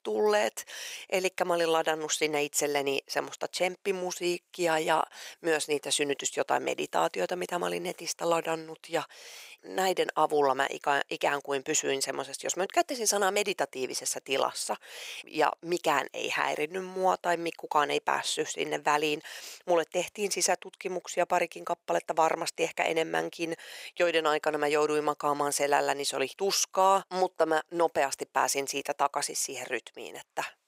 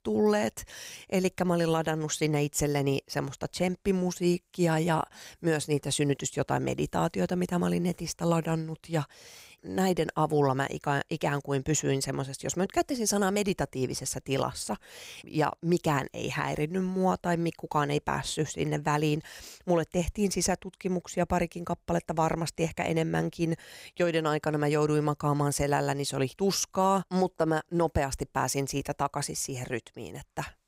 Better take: second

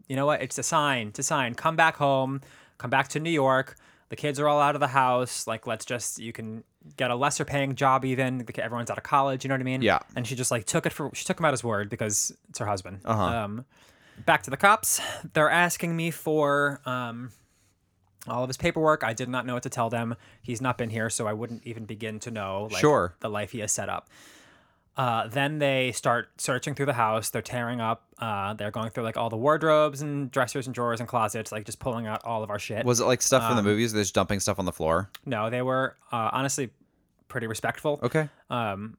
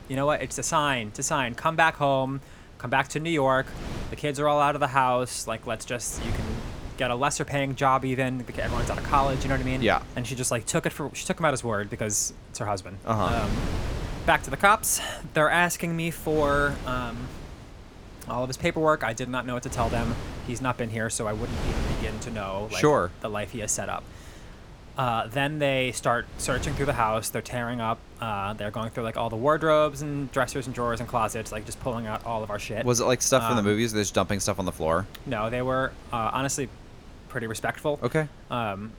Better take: first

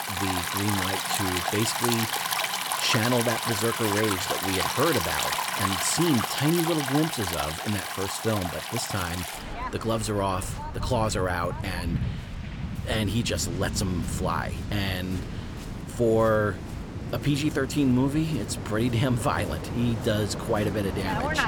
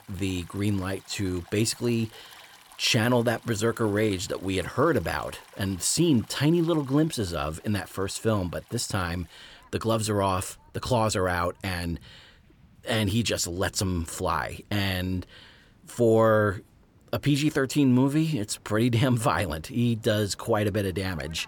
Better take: second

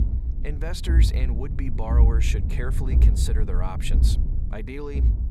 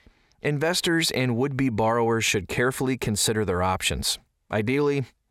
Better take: second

